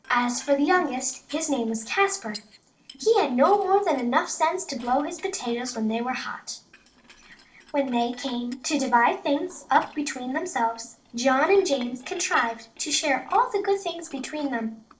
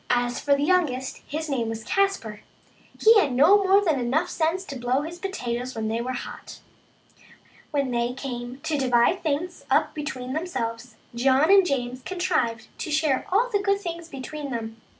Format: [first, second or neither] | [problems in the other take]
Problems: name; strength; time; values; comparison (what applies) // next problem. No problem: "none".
second | noise reduction (neural separator model SepFormer DNS4)